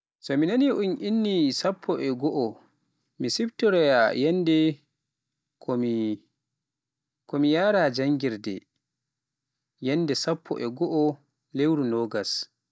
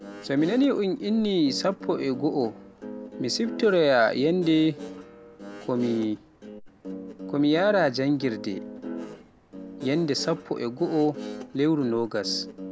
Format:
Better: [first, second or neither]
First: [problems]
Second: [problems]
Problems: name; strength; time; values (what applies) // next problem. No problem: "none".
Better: first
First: none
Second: background sound (Guitar); 13 dB below the speech